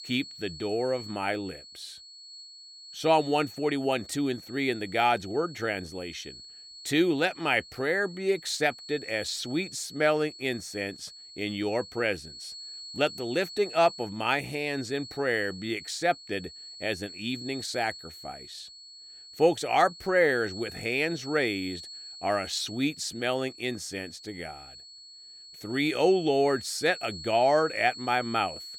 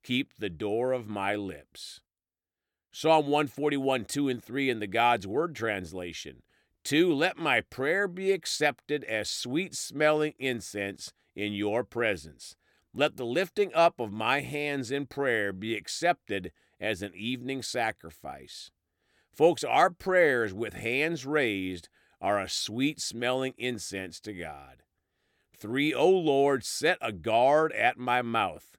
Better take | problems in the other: second | high-pitched whine; noticeable; throughout; 4.5 kHz, 15 dB below the speech

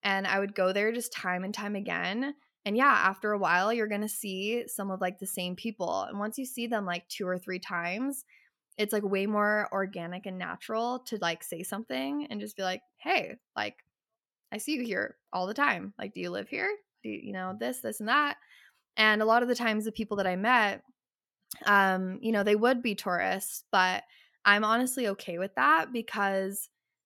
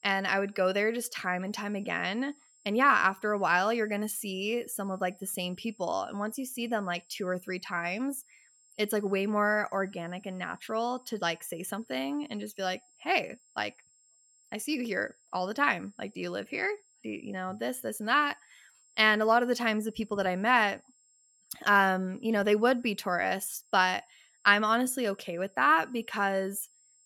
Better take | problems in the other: first | high-pitched whine; faint; throughout; 7.5 kHz, 30 dB below the speech

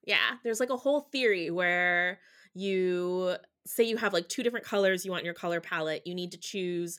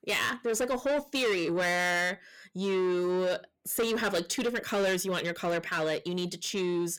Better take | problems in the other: first | distortion; heavy; 7 dB below the speech

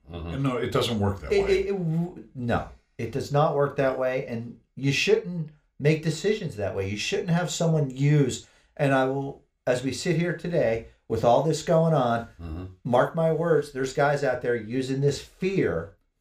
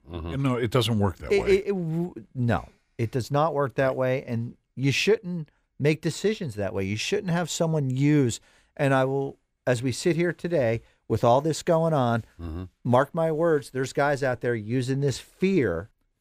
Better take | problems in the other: second | room echo; very slight; dies away in 0.3 s

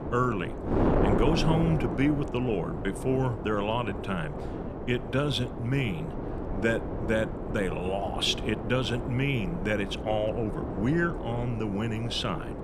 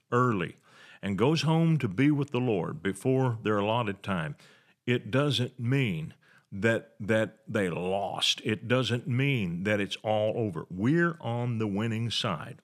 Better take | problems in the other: second | wind noise on the microphone; heavy; 5 dB below the speech

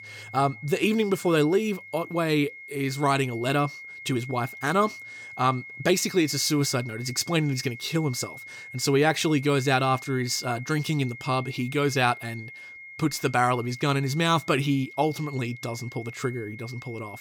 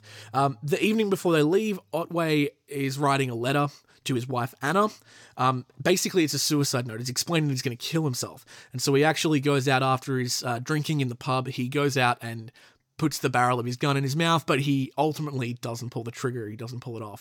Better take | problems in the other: second | high-pitched whine; noticeable; throughout; 2 kHz, 15 dB below the speech

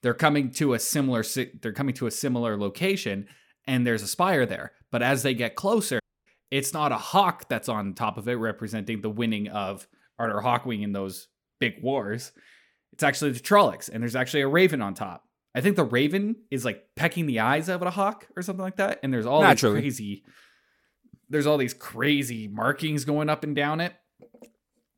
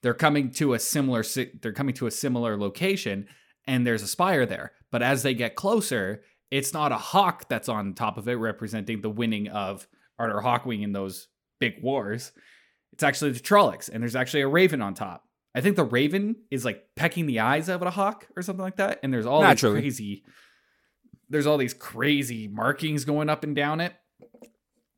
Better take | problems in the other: second | audio cutting out; at 6 s

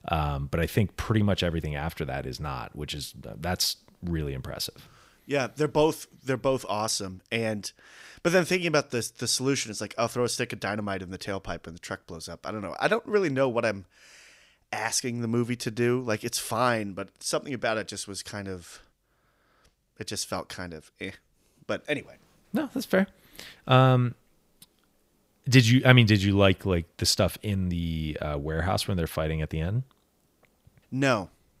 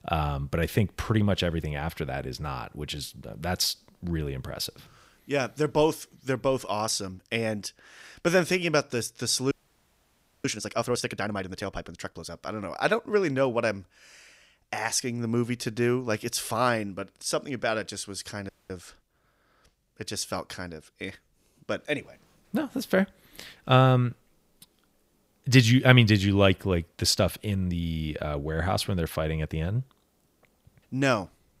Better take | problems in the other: first | audio freezing; at 9.5 s for 1 s and at 18 s

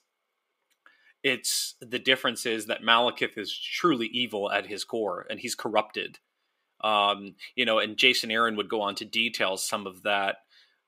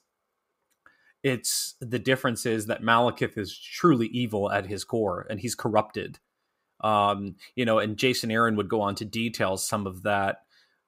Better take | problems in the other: second | thin; very slightly; fading below 250 Hz

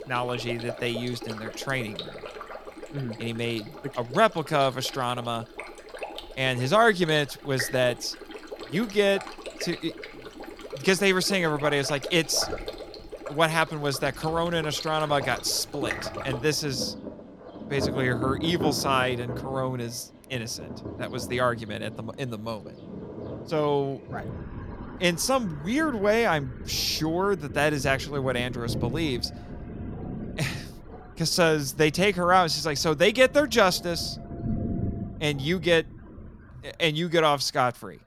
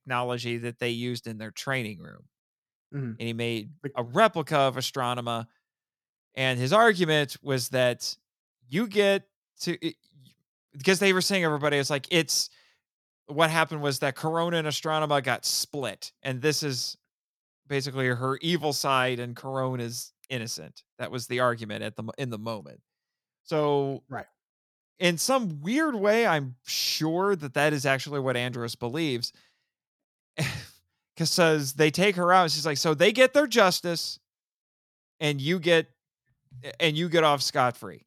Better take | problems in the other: second | rain or running water; noticeable; throughout; 10 dB below the speech

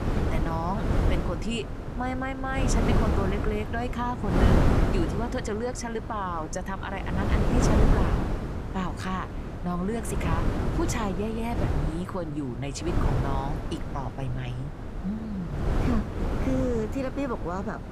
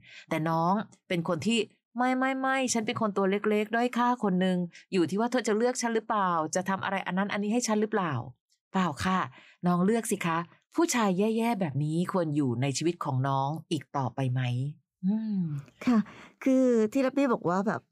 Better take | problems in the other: second | wind noise on the microphone; heavy; 1 dB below the speech

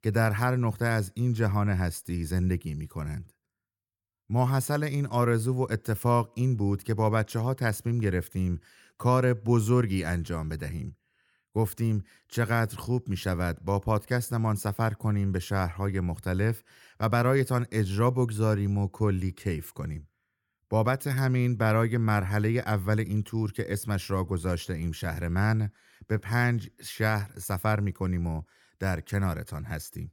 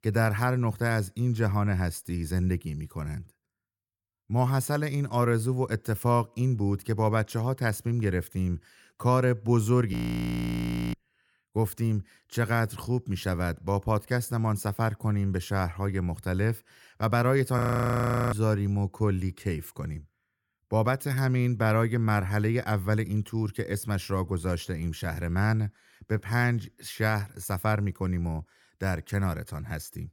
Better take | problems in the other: first | audio freezing; at 10 s for 1 s and at 18 s for 0.5 s

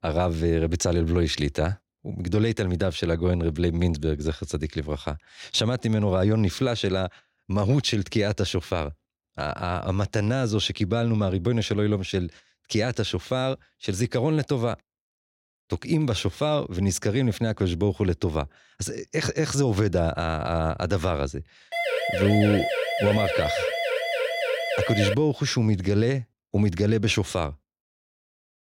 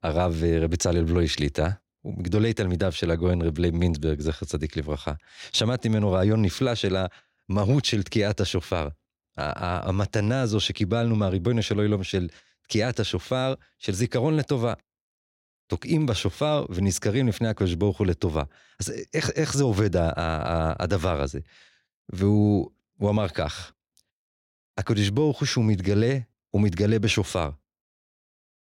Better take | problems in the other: second | siren; loud; from 22 to 25 s; peak level with the speech

